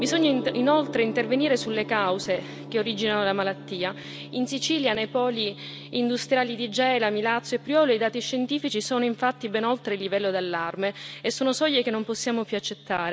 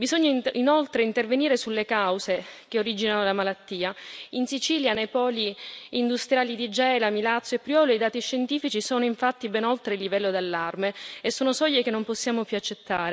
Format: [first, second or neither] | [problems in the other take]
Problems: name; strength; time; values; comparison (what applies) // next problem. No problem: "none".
second | background sound (Gong); 14 dB below the speech